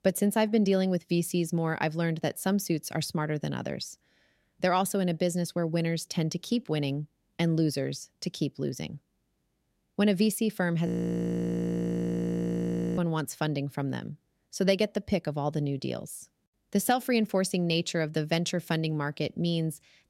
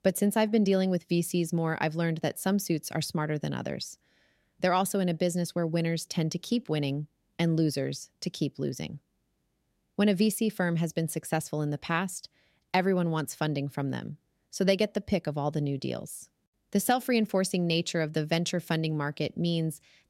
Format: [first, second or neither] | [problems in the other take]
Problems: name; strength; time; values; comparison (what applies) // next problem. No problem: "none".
second | audio freezing; at 11 s for 2 s